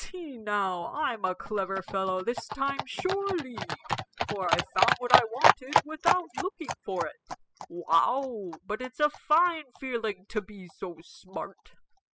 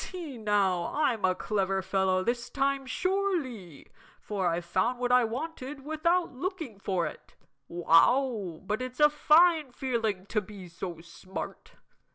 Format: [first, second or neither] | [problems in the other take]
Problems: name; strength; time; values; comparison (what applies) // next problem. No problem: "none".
second | noise reduction (classical method spectral subtraction)